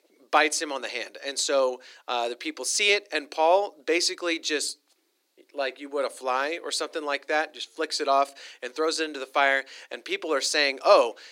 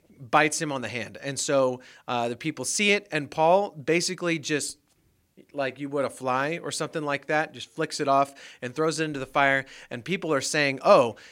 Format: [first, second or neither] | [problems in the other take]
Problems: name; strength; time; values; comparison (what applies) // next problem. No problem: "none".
second | thin; somewhat; fading below 300 Hz